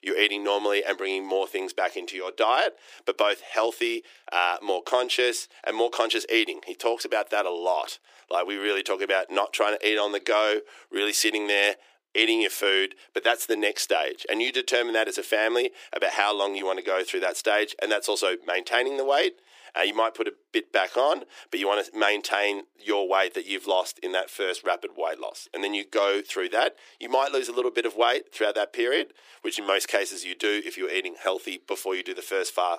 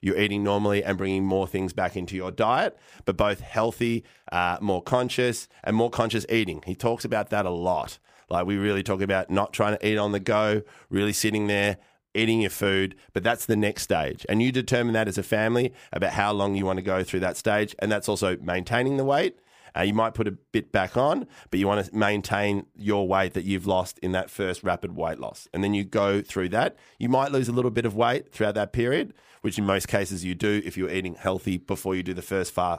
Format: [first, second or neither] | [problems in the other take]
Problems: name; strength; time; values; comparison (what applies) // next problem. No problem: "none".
second | thin; very; fading below 350 Hz